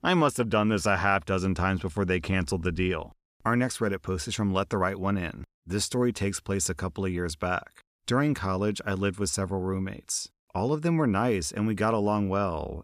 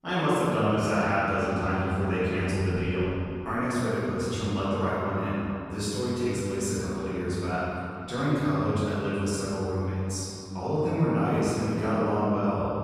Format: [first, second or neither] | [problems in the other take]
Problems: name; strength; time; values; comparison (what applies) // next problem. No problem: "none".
first | off-mic speech; far // room echo; strong; dies away in 2.6 s